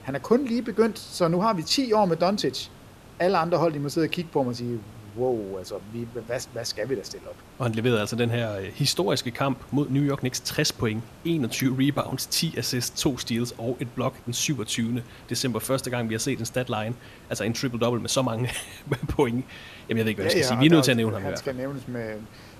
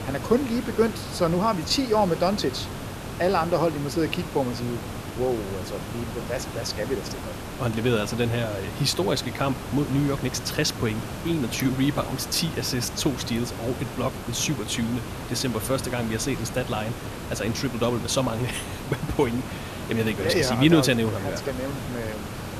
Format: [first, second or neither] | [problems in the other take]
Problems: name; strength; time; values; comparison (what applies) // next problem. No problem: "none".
first | hiss; loud; throughout; 8 dB below the speech; faint in the first